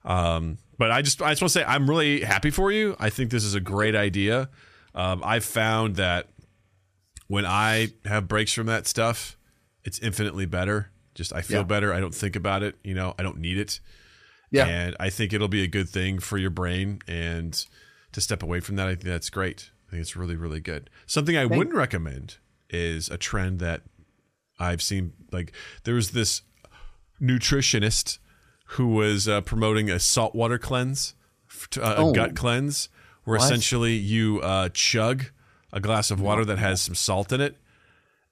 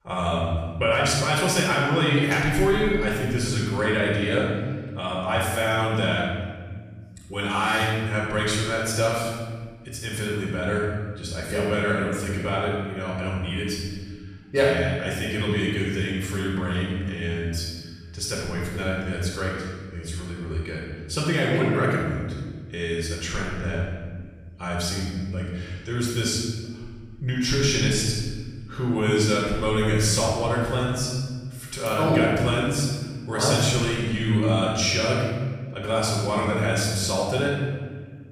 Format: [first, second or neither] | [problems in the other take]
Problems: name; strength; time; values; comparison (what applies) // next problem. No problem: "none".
first | room echo; strong; dies away in 1.5 s // off-mic speech; far